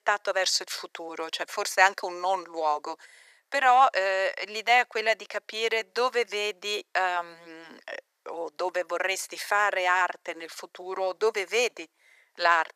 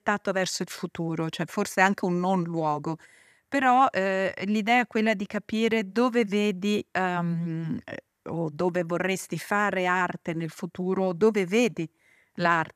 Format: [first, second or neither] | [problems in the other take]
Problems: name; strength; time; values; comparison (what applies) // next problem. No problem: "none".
second | thin; very; fading below 500 Hz